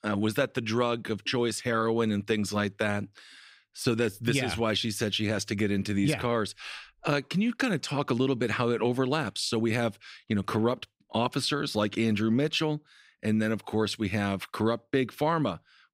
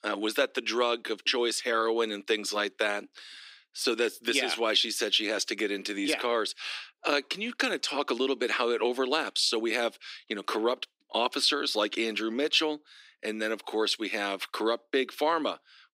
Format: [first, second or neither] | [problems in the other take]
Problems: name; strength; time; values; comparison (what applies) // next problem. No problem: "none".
first | thin; somewhat; fading below 300 Hz